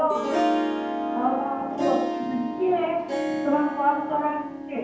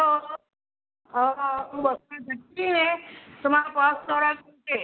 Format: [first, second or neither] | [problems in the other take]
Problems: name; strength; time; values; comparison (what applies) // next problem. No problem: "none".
second | background sound (Harp); 1 dB below the speech // room echo; dies away in 0.9 s